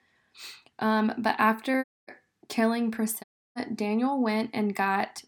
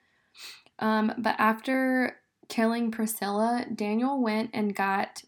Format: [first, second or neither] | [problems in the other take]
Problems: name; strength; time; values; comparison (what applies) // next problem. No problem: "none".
second | audio cutting out; at 2 s and at 3 s